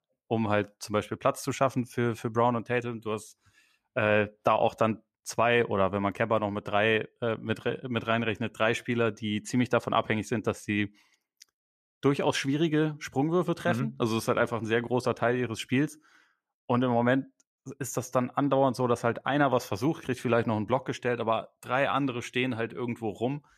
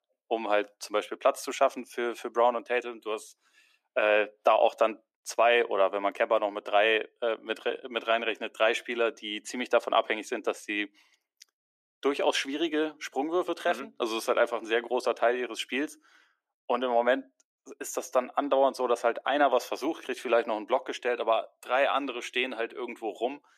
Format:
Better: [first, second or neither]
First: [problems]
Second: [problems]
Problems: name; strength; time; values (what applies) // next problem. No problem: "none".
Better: first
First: none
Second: thin; somewhat; fading below 300 Hz